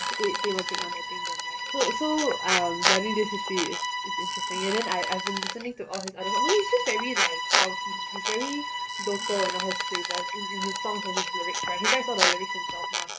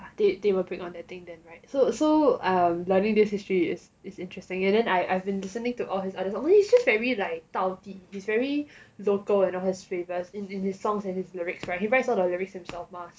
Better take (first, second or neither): second